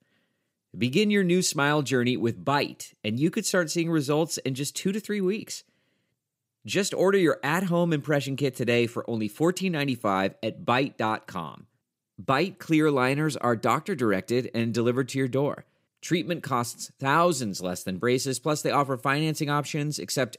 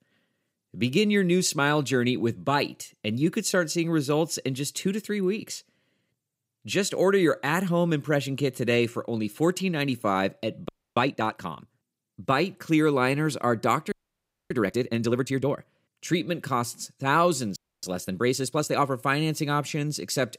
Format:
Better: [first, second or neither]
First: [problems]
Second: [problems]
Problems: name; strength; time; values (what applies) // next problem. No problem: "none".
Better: first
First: none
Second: audio freezing; at 11 s, at 14 s for 0.5 s and at 18 s